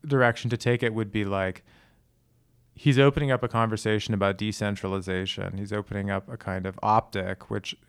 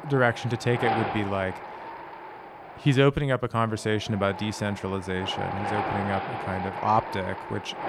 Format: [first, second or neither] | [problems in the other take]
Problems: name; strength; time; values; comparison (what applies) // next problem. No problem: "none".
first | wind noise on the microphone; heavy; 4 dB below the speech